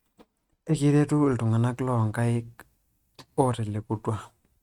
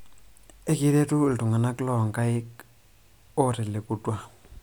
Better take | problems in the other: second | noise reduction (neural mask model RNNoise)

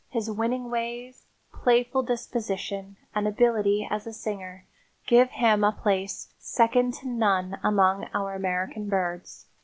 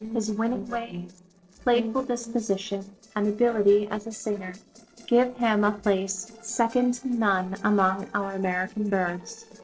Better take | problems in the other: first | noise reduction (neural separator model SepFormer DNS4)

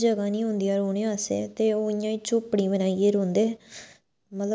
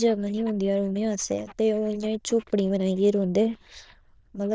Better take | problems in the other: first | noise reduction (neural diffusion model UNIVERSE++)

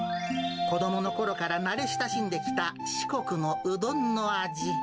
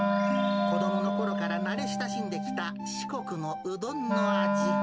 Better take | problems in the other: first | background sound (Wind instrument, woodwind instrument); 4 dB above the speech

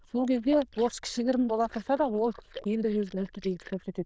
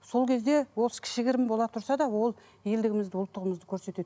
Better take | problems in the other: second | noise reduction (neural diffusion model UNIVERSE++)

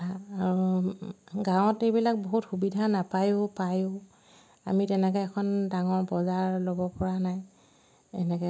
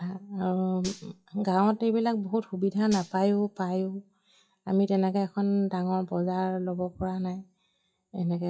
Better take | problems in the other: first | noise reduction (classical method WPE with log-MMSE)

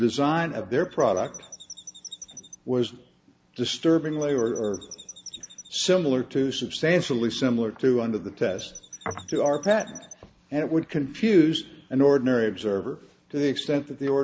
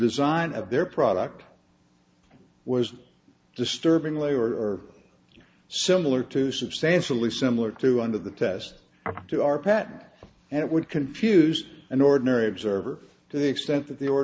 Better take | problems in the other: second | background sound (Chirp, tweet); 18 dB below the speech

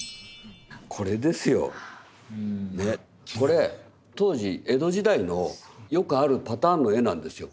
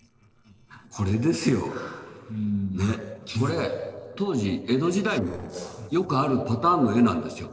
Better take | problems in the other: first | noise reduction (neural separator model SepFormer DNS4)

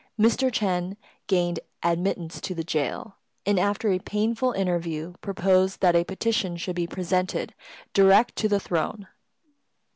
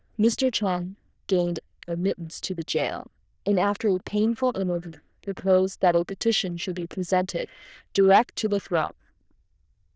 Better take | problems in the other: first | noise reduction (neural diffusion model UNIVERSE++)

